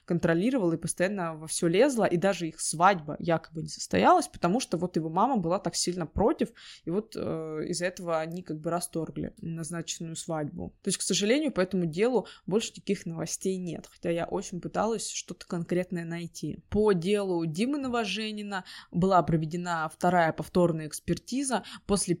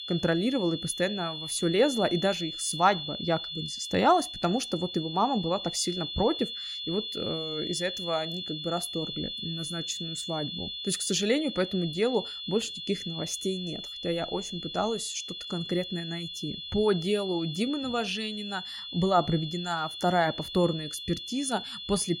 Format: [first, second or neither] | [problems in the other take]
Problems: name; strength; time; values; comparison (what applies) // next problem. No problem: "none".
first | high-pitched whine; loud; throughout; 3.5 kHz, 6 dB below the speech